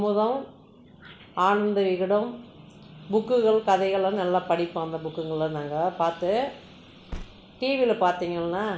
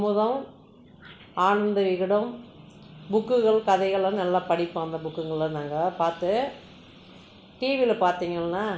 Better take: second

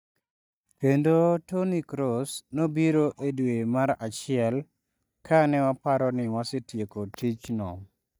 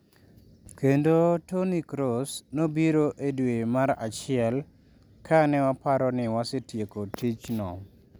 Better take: second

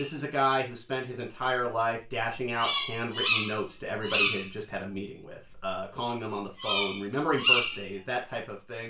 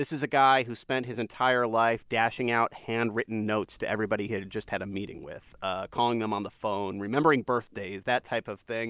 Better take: second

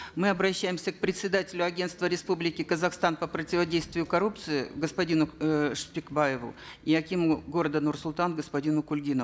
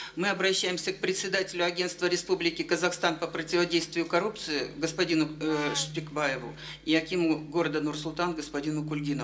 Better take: first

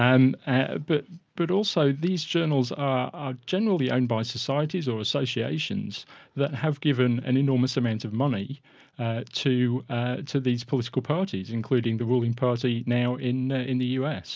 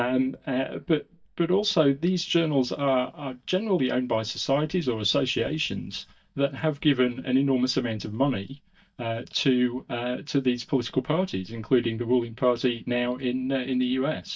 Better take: first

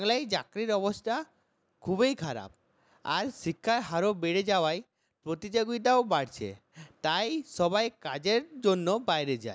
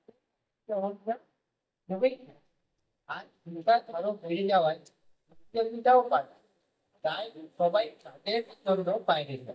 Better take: first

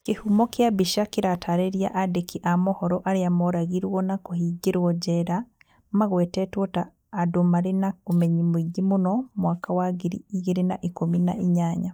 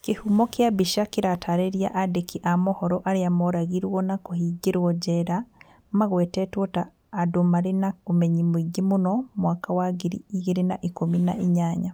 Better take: second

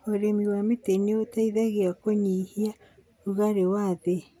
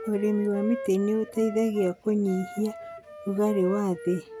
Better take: first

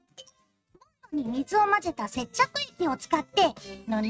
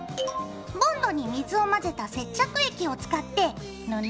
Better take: second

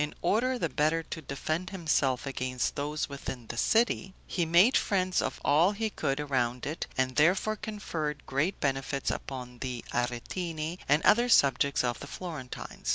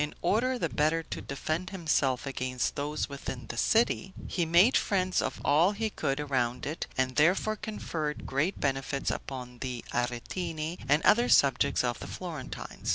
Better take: first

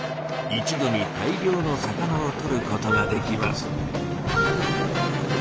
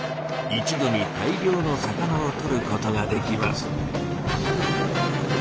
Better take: second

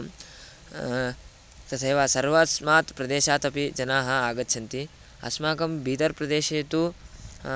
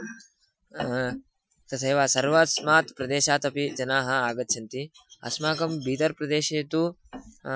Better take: first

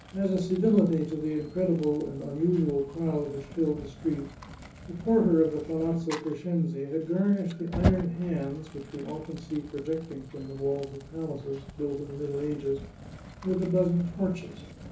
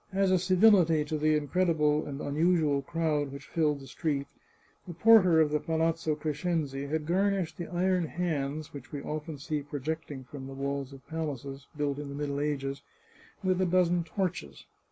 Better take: second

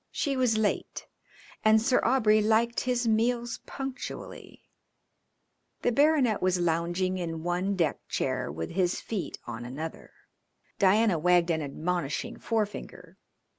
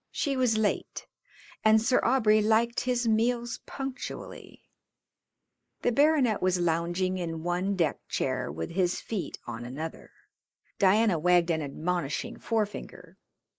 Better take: first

